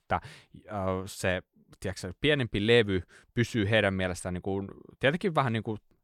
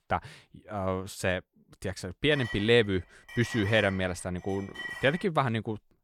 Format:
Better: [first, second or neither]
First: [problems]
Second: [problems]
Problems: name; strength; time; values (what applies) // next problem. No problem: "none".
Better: first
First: none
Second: clattering dishes; noticeable; from 2.5 to 5 s; peak 8 dB below the speech